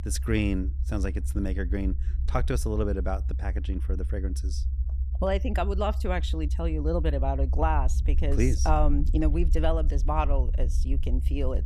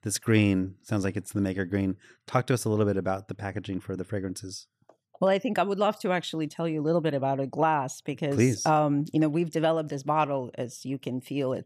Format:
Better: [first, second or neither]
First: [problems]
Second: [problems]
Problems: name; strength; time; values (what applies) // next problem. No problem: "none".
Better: second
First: low rumble; noticeable; throughout; 15 dB below the speech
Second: none